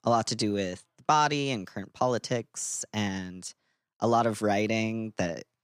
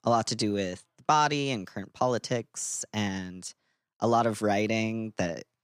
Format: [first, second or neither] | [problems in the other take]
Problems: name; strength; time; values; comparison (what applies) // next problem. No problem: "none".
neither | none